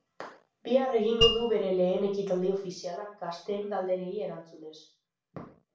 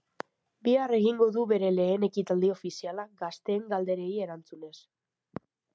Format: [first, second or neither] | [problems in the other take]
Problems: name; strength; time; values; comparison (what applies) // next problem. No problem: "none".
second | background sound (Mallet percussion); as loud as the speech // room echo; dies away in 0.4 s